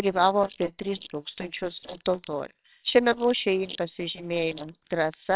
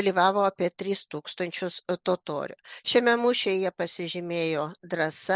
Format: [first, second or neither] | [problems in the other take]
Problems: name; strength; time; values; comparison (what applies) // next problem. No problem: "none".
second | noise reduction (neural separator model SepFormer WHAMR!)